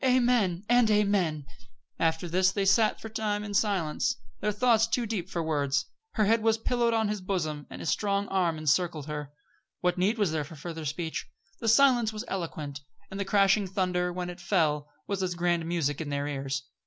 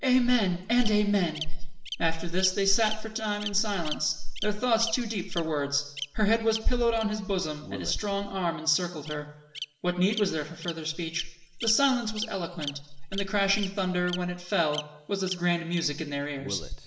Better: first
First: none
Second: background sound (Bird vocalization, bird call, bird song); 15 dB below the speech // room echo; dies away in 0.8 s

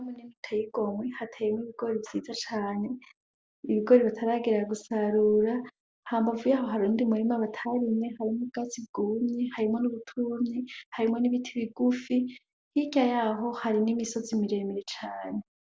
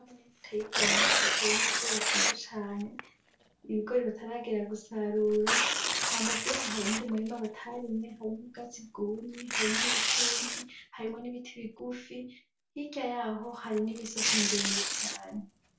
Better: first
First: none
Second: background sound (Tearing); 3 dB above the speech // room echo; dies away in 0.3 s

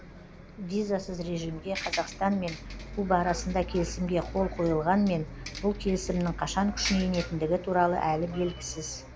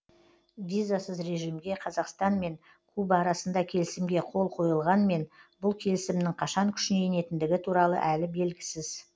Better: second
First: background sound (Bus); 10 dB below the speech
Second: none

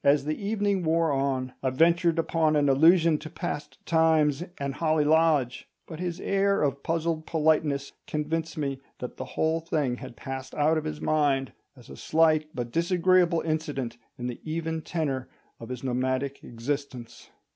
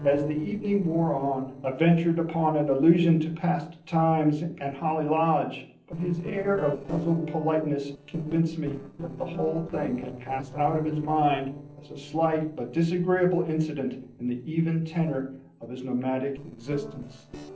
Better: first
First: none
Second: noise reduction (neural separator model SepFormer DNS4)

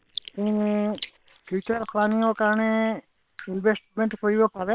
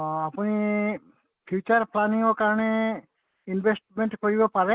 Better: second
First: noise reduction (neural separator model SepFormer WHAM!)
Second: none

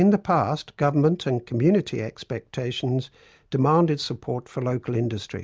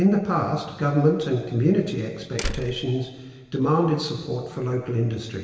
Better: first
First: none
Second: background sound (Slam); 8 dB below the speech // room echo; dies away in 1.5 s

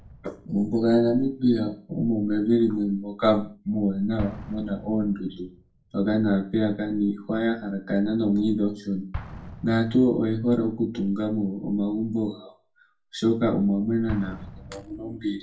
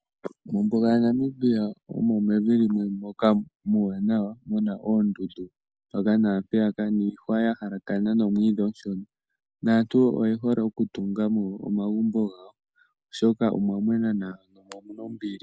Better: second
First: background sound (Explosion); 19 dB below the speech // room echo; dies away in 0.3 s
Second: none

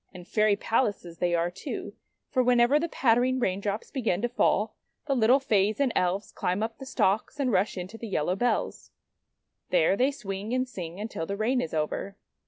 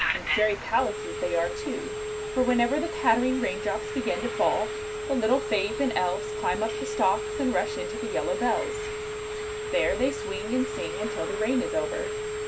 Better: first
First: none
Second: background sound (Telephone); 4 dB below the speech // room echo; dies away in 0.2 s

